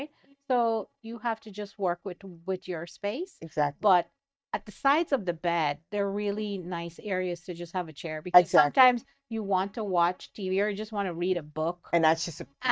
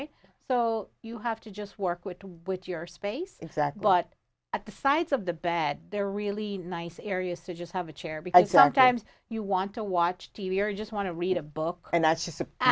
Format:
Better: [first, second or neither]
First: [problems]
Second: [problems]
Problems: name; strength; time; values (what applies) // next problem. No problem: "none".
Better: second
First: noise reduction (neural mask model DeepFilterNet 3)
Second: none